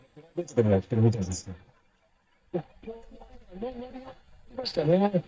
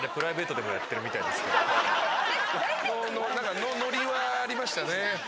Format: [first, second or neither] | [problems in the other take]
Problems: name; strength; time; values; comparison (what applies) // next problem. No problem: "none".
second | noise reduction (neural mask model DeepFilterNet 3)